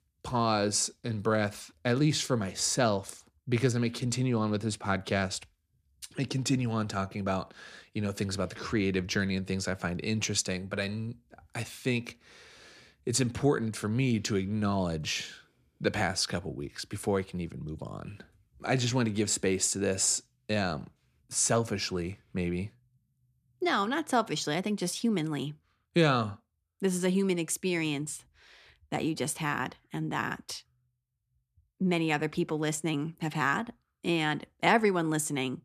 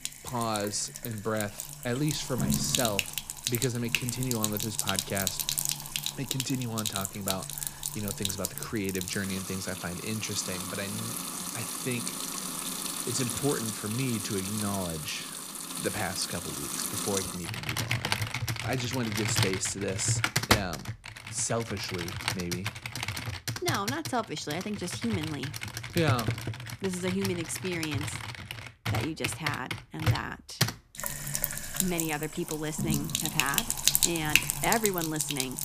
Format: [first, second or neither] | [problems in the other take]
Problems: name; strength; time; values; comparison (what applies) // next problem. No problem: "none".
first | household noises; very loud; throughout; 2 dB above the speech